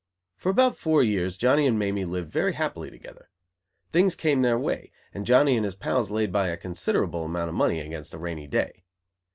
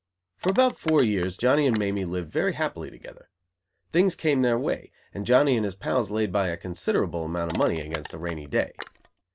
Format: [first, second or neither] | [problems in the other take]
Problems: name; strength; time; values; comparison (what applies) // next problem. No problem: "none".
first | background sound (Crushing); 15 dB below the speech